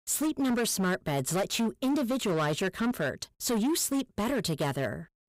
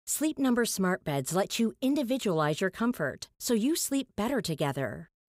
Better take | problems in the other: second | distortion; slight; 18% of the sound clipped

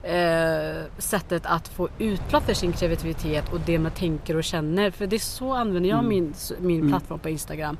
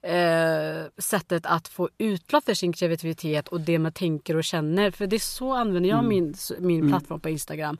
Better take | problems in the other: second | wind noise on the microphone; occasional gusts; 20 dB below the speech

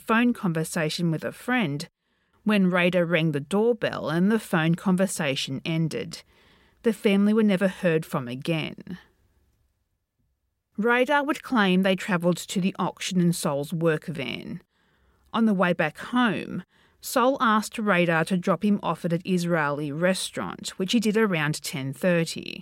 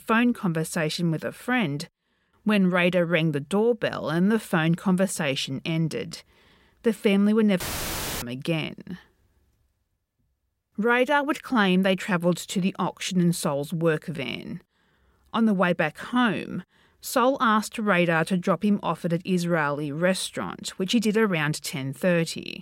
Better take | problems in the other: first | audio cutting out; filled with static; at 7.5 s for 0.5 s

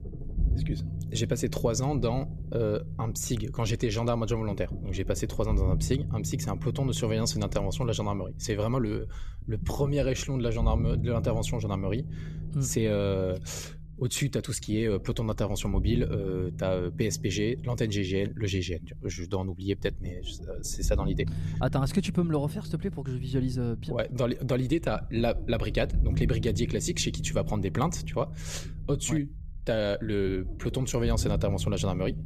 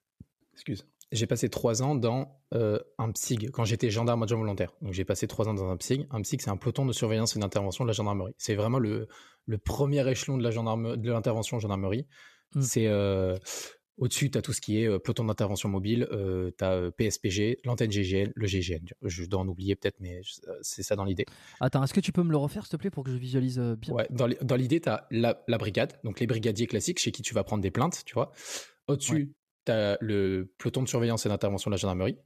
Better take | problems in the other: second | low rumble; noticeable; throughout; 15 dB below the speech

